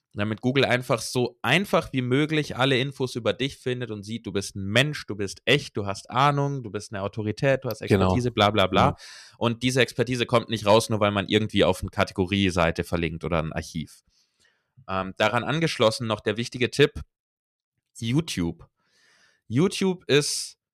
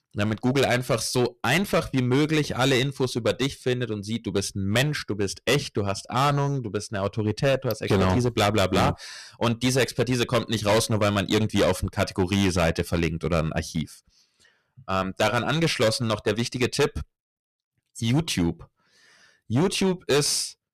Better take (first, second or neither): first